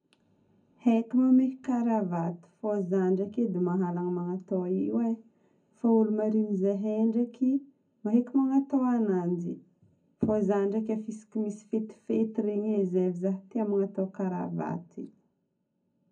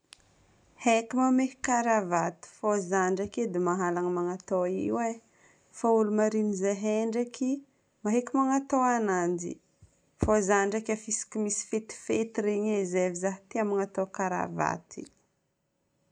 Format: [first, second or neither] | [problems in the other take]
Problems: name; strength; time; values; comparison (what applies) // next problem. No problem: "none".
second | room echo; dies away in 0.4 s